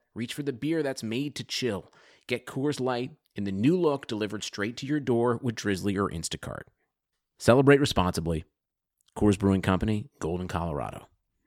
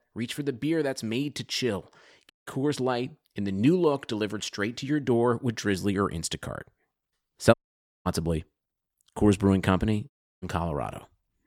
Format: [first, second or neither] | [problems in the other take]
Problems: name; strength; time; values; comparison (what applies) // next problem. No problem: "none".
first | audio cutting out; at 2.5 s, at 7.5 s for 0.5 s and at 10 s